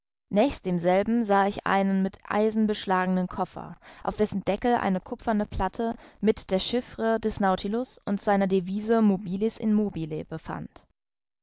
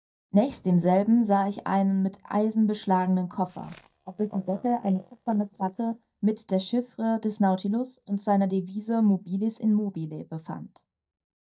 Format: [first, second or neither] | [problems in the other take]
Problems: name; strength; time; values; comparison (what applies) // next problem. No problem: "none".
first | noise reduction (neural mask model DeepFilterNet 3)